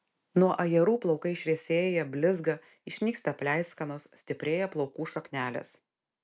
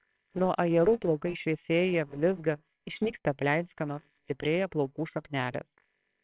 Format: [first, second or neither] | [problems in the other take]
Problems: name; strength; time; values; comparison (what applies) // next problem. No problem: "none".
first | noise reduction (neural separator model SepFormer WHAMR!)